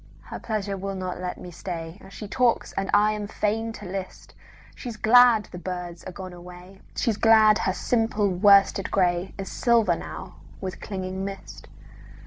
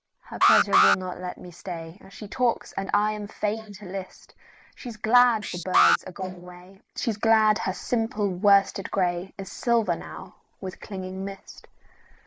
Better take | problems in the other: first | noise reduction (neural mask model Resemble Enhance denoiser)

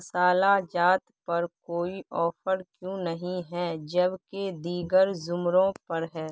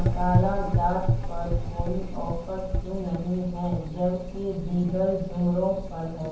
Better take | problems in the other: first | background sound (Gurgling / Engine); 1 dB below the speech // room echo; dies away in 0.9 s

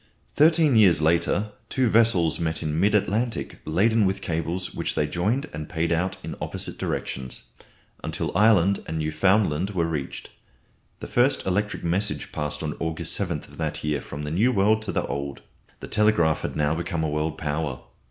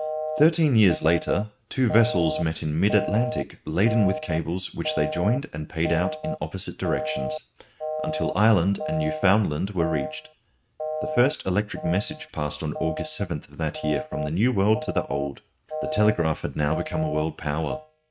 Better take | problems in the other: first | noise reduction (neural mask model RNNoise)

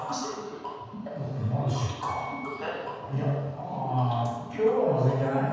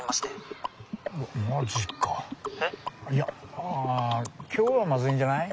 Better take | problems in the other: second | background sound (Wind instrument, woodwind instrument); 17 dB below the speech // room echo; dies away in 1.2 s

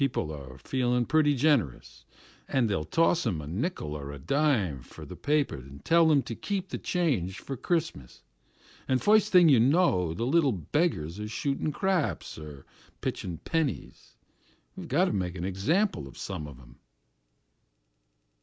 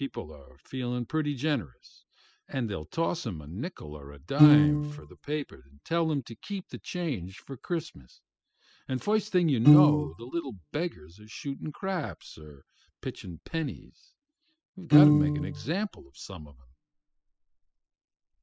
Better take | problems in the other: first | noise reduction (classical method spectral subtraction)

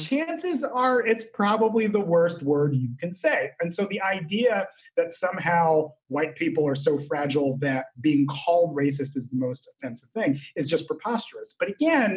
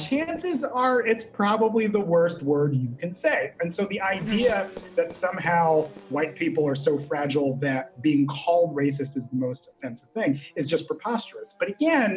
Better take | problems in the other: first | background sound (Race car, auto racing / Accelerating, revving, vroom); 20 dB below the speech

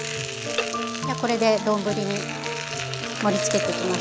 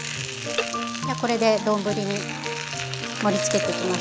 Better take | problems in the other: second | background sound (Telephone + Wind instrument, woodwind instrument); 13 dB below the speech

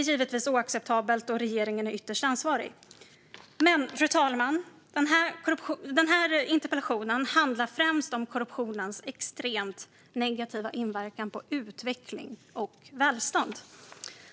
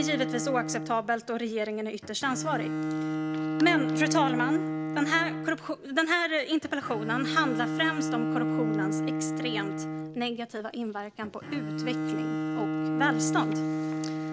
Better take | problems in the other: first | background sound (Bowed string instrument); 1 dB below the speech

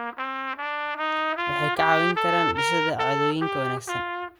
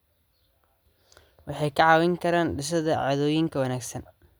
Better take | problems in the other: second | background sound (Trumpet); 3 dB above the speech

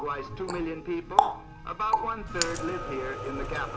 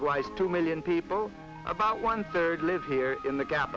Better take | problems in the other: second | background sound (Water tap, faucet); 2 dB above the speech // room echo; dies away in 0.8 s

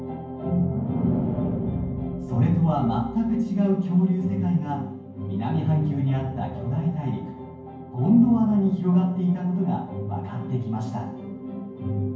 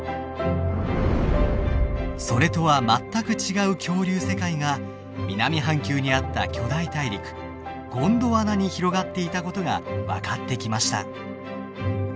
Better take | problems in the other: second | room echo; dies away in 0.9 s

